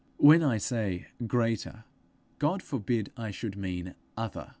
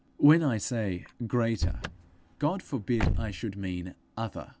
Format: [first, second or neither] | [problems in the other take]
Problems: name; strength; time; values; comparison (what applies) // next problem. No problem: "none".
first | background sound (Slam / Car); 6 dB below the speech